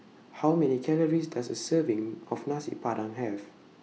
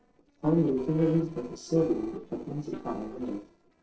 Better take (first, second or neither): first